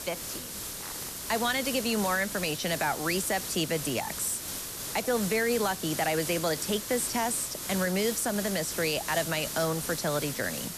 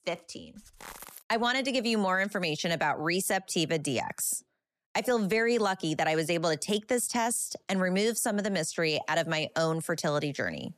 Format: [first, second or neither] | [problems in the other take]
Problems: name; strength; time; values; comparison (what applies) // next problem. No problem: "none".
second | hiss; loud; throughout; 5 dB below the speech